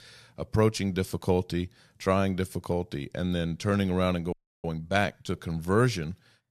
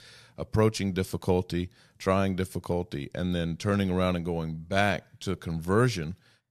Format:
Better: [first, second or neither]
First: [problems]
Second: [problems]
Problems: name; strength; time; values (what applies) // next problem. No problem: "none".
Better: second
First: audio freezing; at 4.5 s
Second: none